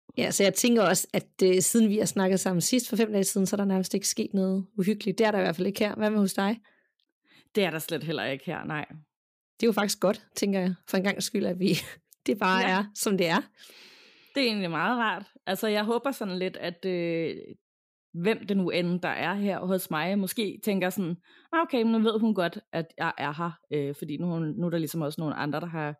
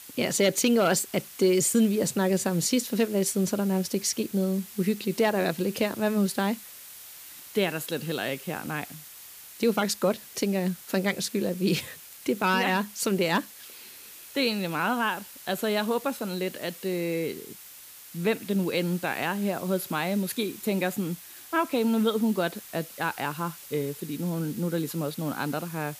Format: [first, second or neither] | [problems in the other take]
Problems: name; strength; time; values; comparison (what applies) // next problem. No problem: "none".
first | hiss; noticeable; throughout; 15 dB below the speech